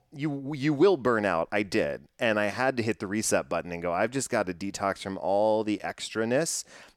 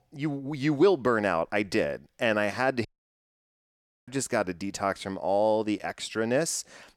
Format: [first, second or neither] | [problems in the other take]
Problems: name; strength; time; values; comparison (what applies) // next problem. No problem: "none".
first | audio cutting out; at 3 s for 1 s